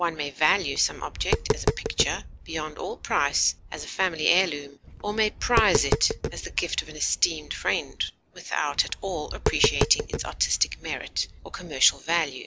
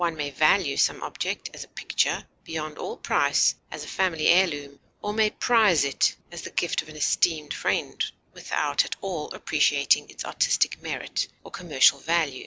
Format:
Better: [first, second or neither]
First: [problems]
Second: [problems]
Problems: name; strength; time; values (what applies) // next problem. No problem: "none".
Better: second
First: background sound (Tap); 5 dB below the speech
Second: none